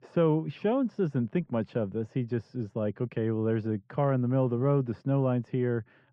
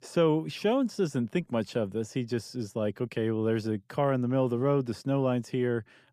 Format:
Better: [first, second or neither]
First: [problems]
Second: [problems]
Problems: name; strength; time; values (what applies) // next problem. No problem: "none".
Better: second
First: muffled; very; fading above 2 kHz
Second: none